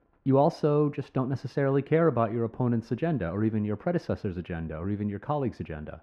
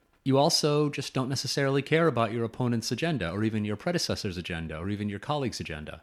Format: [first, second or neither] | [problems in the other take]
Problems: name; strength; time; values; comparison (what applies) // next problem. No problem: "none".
second | muffled; very; fading above 2.5 kHz